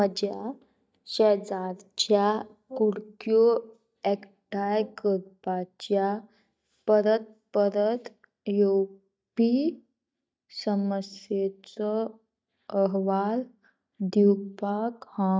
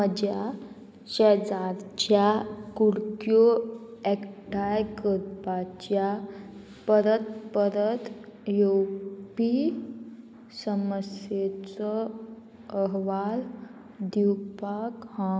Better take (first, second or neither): second